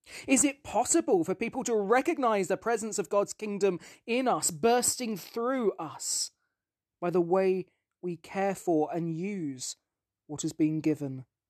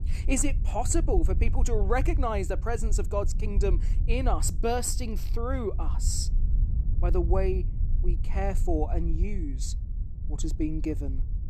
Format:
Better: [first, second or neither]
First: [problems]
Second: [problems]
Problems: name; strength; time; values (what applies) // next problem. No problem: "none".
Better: first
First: none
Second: wind noise on the microphone; occasional gusts; 15 dB below the speech